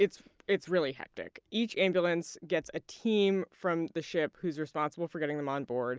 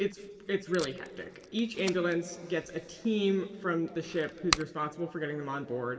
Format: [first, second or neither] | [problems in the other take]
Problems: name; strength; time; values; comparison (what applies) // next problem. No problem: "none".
first | background sound (Packing tape, duct tape); 10 dB below the speech // room echo; dies away in 1.8 s